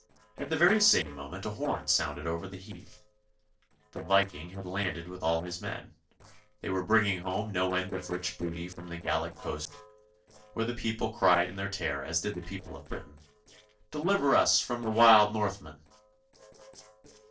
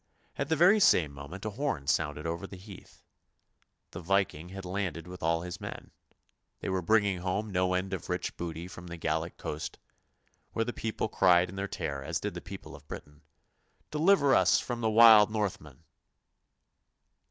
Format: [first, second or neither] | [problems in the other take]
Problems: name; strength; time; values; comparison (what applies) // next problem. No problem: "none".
second | noise reduction (neural separator model SepFormer DNS4)